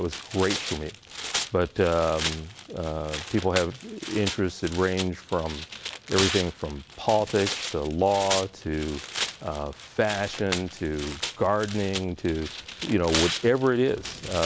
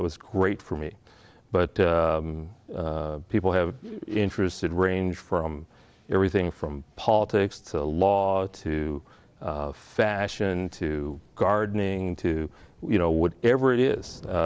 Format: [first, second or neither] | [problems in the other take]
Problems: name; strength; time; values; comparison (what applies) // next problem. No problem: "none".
second | background sound (Tearing); 8 dB below the speech